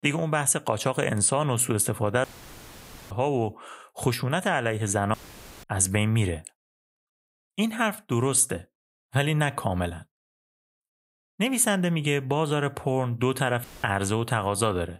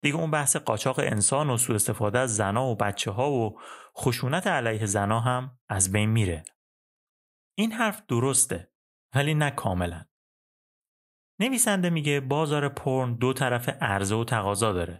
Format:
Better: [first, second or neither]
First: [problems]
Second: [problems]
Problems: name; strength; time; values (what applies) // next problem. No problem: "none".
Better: second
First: audio cutting out; filled with static; at 2 s for 1 s, at 5 s for 0.5 s and at 14 s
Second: none